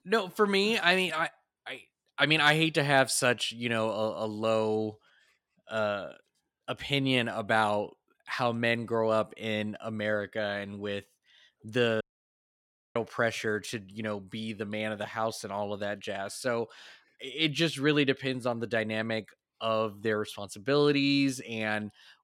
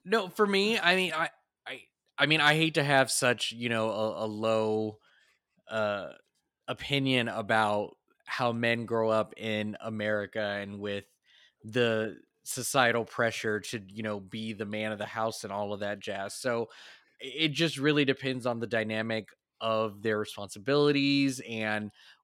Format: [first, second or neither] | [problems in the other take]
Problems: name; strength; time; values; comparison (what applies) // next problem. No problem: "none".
second | audio cutting out; at 12 s for 1 s